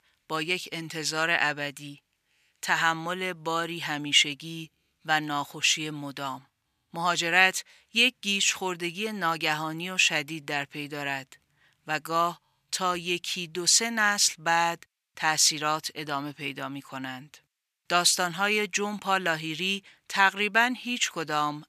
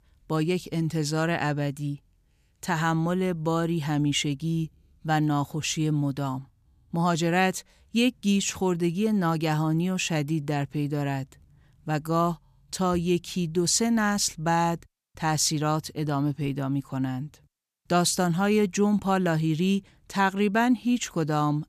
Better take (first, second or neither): second